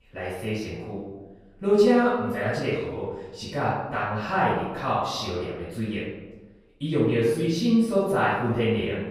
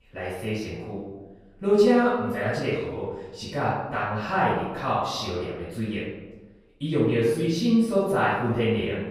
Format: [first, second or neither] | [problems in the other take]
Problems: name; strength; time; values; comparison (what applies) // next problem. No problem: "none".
neither | room echo; noticeable; dies away in 1 s; the same in both // off-mic speech; far; the same in both